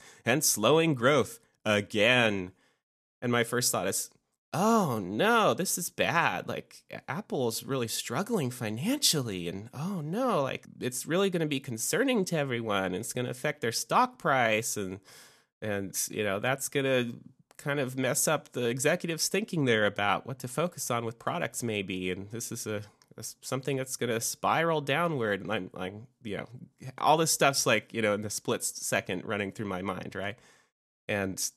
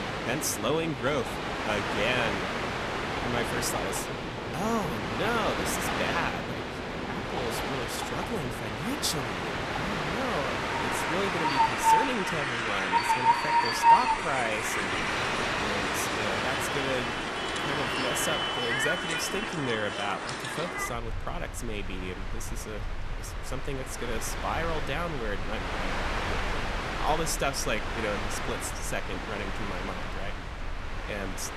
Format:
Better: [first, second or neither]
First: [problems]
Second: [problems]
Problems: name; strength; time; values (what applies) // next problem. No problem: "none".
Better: first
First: none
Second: train or aircraft noise; very loud; throughout; 3 dB above the speech